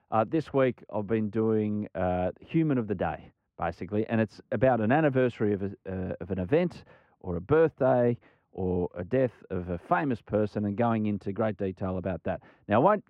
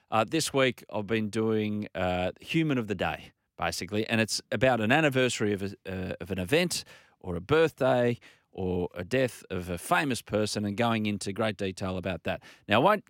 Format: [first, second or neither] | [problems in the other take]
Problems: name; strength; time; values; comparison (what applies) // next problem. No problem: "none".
second | muffled; very; fading above 3.5 kHz